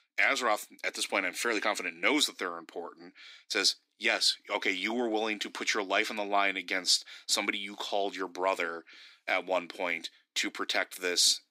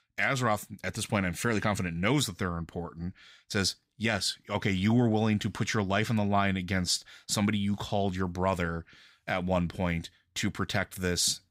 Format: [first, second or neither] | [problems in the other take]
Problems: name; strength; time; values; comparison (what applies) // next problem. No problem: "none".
second | thin; somewhat; fading below 300 Hz